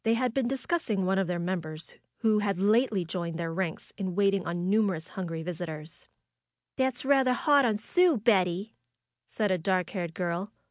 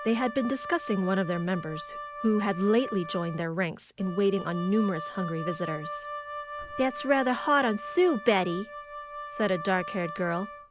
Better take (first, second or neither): first